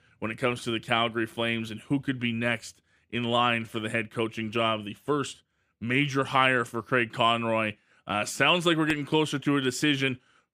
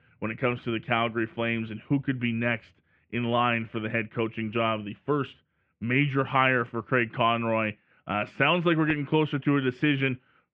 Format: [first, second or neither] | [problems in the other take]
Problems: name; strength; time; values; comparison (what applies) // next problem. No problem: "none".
first | muffled; very slightly; fading above 2.5 kHz